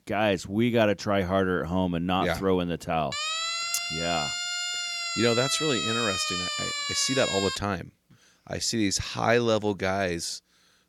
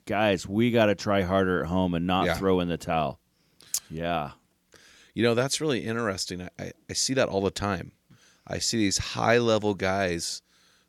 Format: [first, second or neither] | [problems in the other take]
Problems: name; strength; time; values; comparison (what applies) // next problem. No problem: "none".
second | siren; noticeable; from 3 to 7.5 s; peak level with the speech